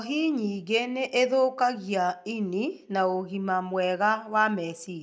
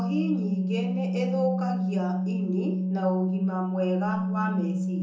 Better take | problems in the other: first | background sound (Organ); 4 dB above the speech // room echo; dies away in 0.6 s

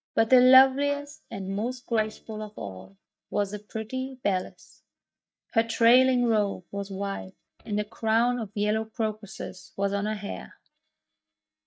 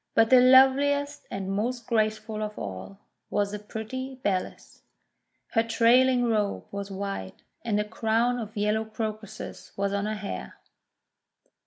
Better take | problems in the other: second | noise reduction (neural mask model DeepFilterNet 3)

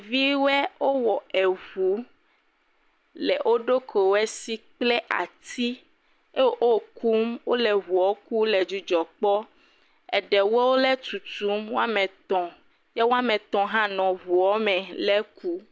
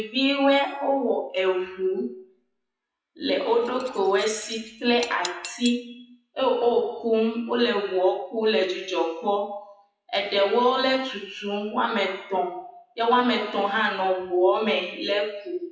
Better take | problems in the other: first | noise reduction (classical method WPE with log-MMSE)

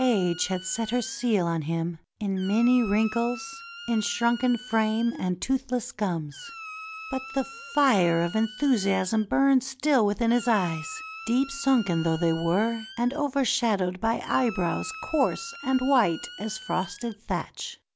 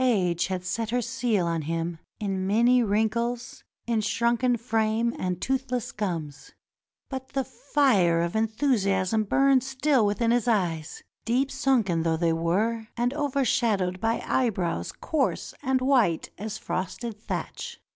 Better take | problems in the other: second | background sound (Squeak); 16 dB below the speech

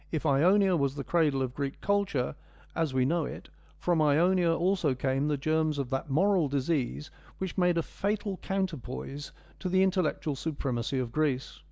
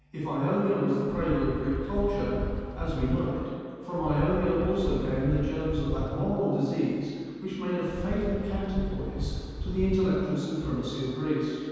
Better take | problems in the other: first | background sound (Wind); 6 dB below the speech // room echo; dies away in 2.1 s

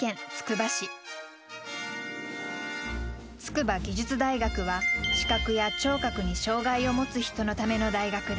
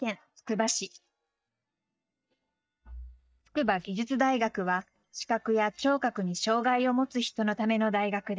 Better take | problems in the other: first | noise reduction (neural mask model DeepFilterNet 3)

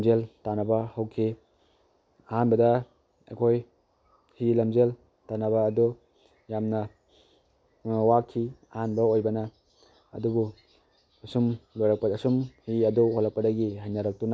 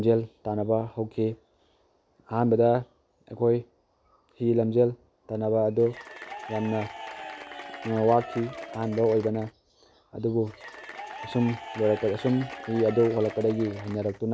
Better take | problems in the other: first | background sound (Applause / Crowd / Cheering); 13 dB below the speech

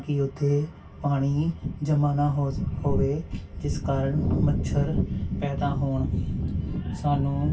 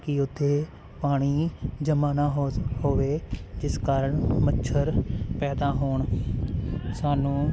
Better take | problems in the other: second | room echo; dies away in 0.1 s

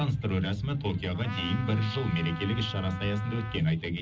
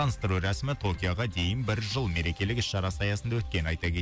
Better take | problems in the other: second | background sound (Trumpet); 14 dB below the speech // room echo; dies away in 0.4 s

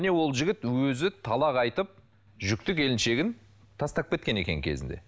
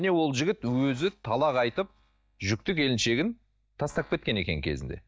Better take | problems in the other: first | noise reduction (neural mask model DeepFilterNet 3)

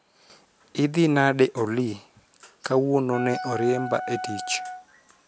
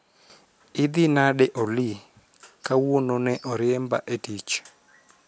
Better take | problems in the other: second | background sound (Wind instrument, woodwind instrument); 9 dB below the speech

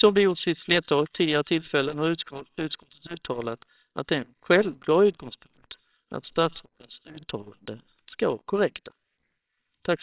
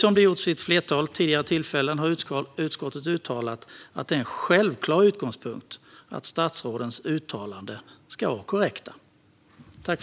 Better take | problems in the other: second | noise reduction (neural separator model SepFormer WHAMR!)

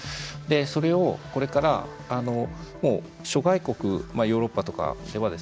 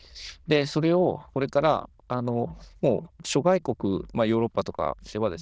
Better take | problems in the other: first | noise reduction (neural diffusion model UNIVERSE++)

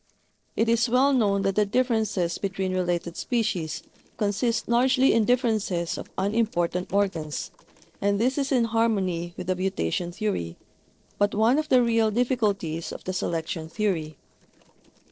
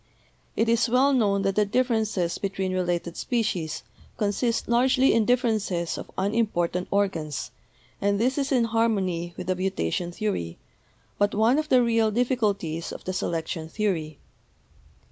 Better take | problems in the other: second | noise reduction (neural separator model SepFormer DNS4)

